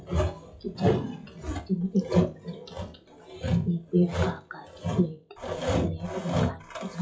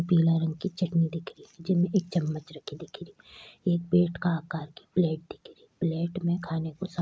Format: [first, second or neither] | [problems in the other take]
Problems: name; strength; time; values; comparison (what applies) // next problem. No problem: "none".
second | noise reduction (classical method WPE with log-MMSE)